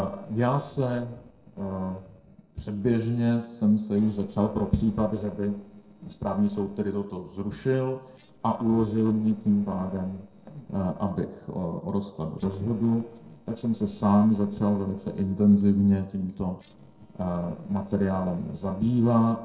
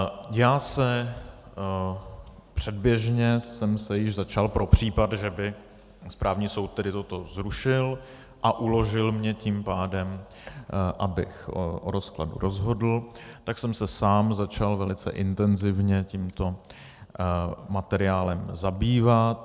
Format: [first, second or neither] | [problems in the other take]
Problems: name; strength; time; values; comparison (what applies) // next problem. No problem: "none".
second | noise reduction (neural separator model SepFormer DNS4)